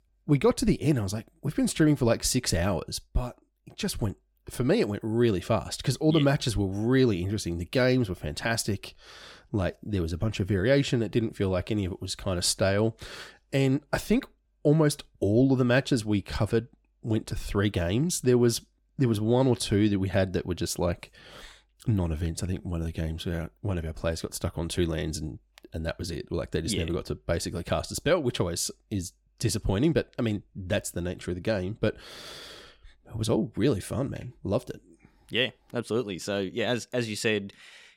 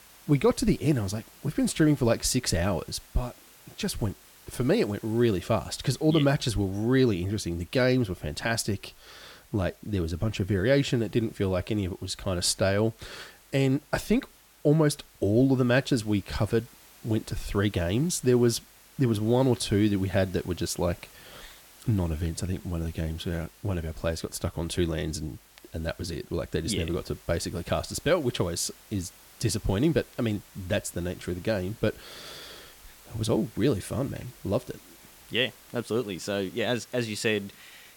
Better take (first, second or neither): first